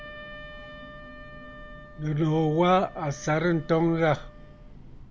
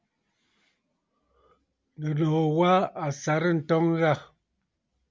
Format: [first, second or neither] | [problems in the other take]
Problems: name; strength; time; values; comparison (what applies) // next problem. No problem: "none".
second | background sound (Wind instrument, woodwind instrument + Train / Breathing); 16 dB below the speech